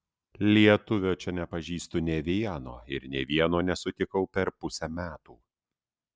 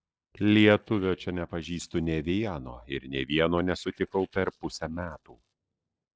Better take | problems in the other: first | noise reduction (neural separator model SepFormer DNS4)

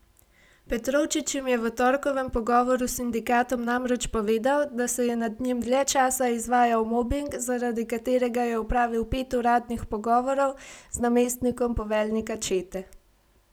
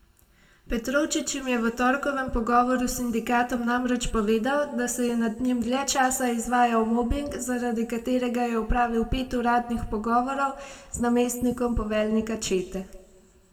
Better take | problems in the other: first | room echo; dies away in 1 s

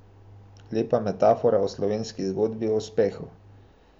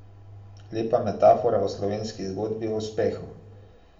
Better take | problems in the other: first | room echo; dies away in 0.5 s

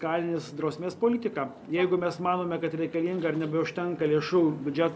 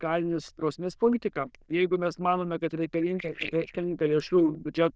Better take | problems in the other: first | noise reduction (neural diffusion model UNIVERSE++)

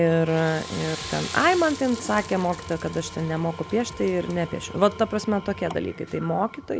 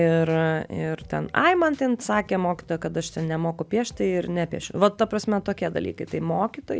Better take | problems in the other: second | background sound (Engine / Tools + Toilet flush / Water); 13 dB below the speech

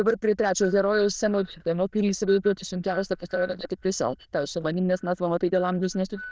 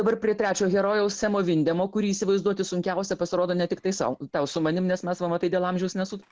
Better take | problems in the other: second | noise reduction (neural diffusion model UNIVERSE++)

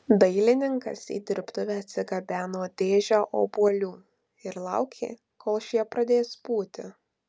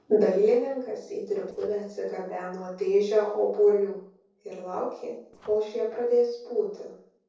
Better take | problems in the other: first | noise reduction (neural separator model SepFormer DNS4)

